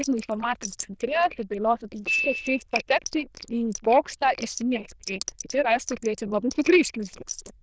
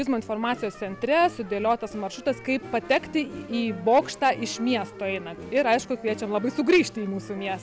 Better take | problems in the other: second | noise reduction (neural diffusion model UNIVERSE++)

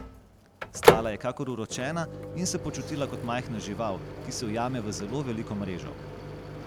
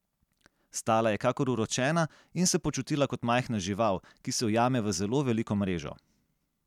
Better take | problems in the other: second | background sound (Microwave oven); 2 dB above the speech

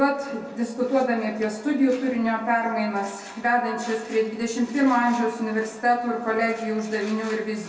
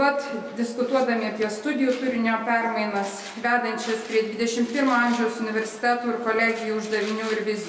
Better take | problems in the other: second | room echo; dies away in 0.2 s

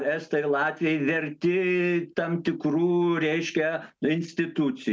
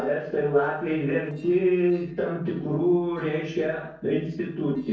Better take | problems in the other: first | noise reduction (neural separator model SepFormer DNS4)

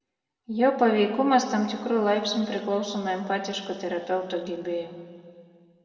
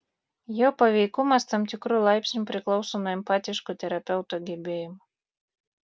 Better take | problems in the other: second | room echo; dies away in 2 s

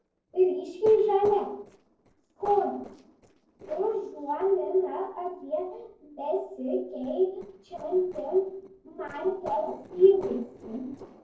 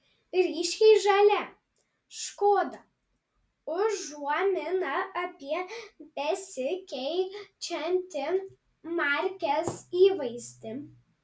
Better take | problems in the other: second | noise reduction (neural separator model SepFormer DNS4)

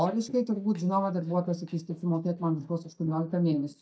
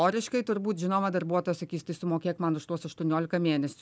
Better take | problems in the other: second | noise reduction (neural mask model DeepFilterNet 3)

